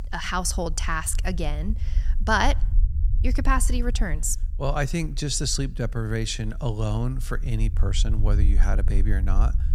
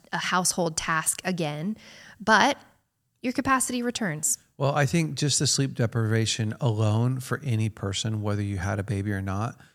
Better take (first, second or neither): second